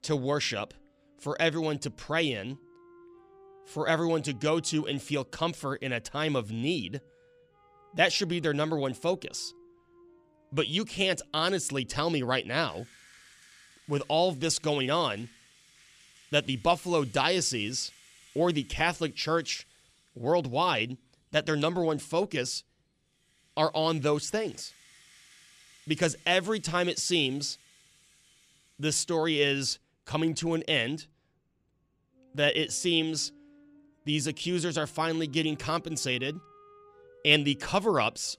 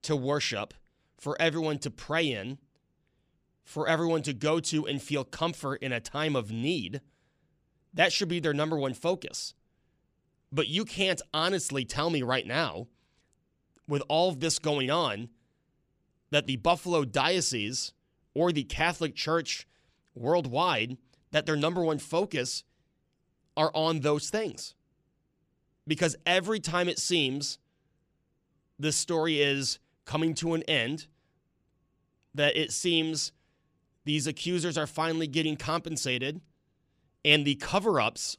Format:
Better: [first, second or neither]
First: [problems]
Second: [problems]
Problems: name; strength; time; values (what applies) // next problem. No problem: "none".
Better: second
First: background music; faint; throughout; 30 dB below the speech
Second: none